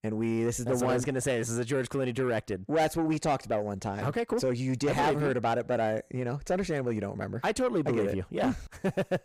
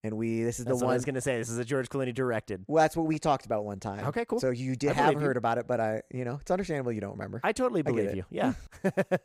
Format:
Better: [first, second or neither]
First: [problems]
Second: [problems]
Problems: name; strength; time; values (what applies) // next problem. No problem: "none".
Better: second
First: distortion; slight; 10 dB below the speech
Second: none